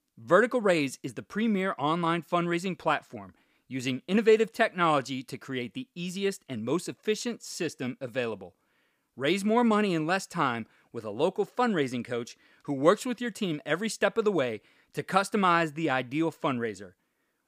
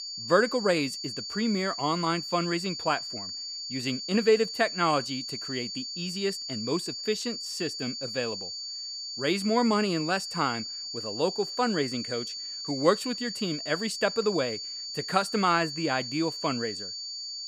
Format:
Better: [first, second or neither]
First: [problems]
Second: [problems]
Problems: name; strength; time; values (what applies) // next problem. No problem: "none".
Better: first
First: none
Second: high-pitched whine; loud; throughout; 4.5 kHz, 5 dB below the speech